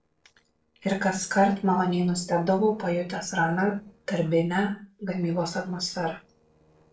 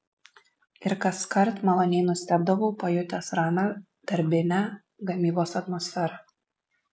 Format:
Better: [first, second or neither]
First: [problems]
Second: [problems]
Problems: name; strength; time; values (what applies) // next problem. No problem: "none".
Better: second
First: noise reduction (neural separator model SepFormer DNS4)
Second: none